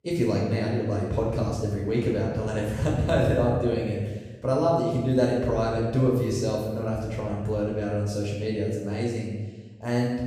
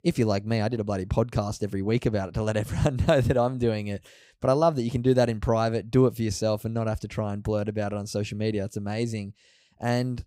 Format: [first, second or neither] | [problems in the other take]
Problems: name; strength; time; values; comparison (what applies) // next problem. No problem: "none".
second | room echo; noticeable; dies away in 1.1 s // off-mic speech; far